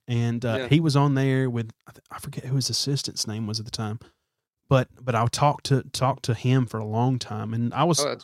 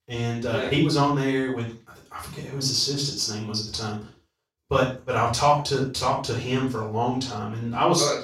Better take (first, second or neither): first